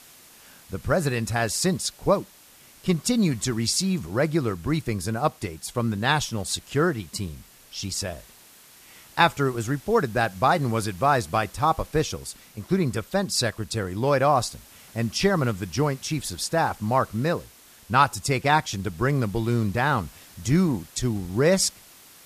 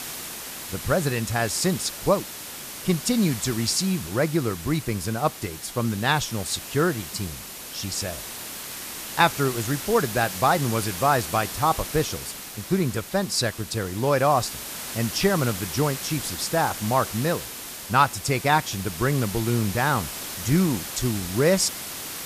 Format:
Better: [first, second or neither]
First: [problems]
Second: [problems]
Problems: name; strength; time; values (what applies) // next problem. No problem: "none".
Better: first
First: hiss; faint; throughout; 25 dB below the speech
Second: hiss; loud; throughout; 8 dB below the speech